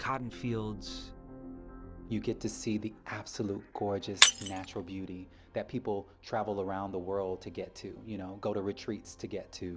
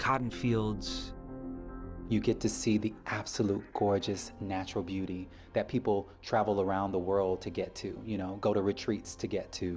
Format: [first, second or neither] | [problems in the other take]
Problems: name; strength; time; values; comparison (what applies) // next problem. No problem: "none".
second | background sound (Shatter); 4 dB above the speech